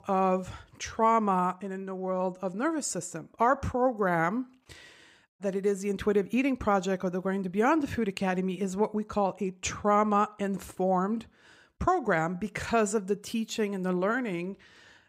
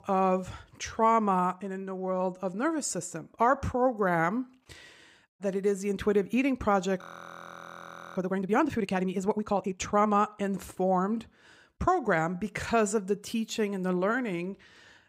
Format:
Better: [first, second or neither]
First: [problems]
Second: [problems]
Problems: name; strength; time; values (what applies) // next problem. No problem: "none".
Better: first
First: none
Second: audio freezing; at 7 s for 1 s